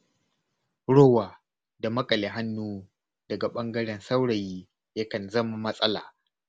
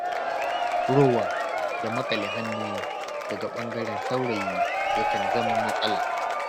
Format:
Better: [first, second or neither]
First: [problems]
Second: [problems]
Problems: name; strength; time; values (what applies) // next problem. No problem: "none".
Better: first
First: none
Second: background sound (Applause / Crowd / Cheering); 3 dB above the speech